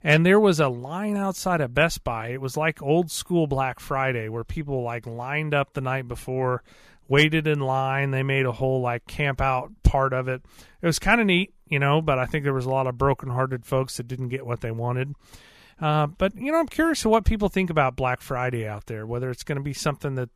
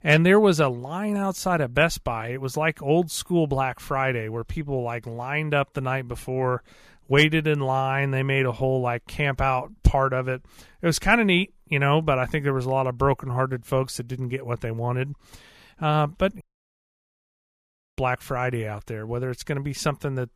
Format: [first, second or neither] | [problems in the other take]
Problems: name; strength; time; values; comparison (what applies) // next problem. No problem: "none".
first | audio cutting out; at 16 s for 1.5 s